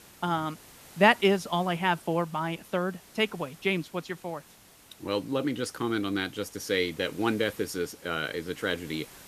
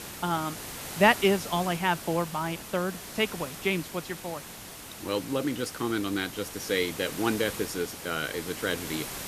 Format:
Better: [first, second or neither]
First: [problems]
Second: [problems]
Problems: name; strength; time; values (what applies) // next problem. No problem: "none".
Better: first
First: hiss; faint; throughout; 20 dB below the speech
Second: hiss; loud; throughout; 9 dB below the speech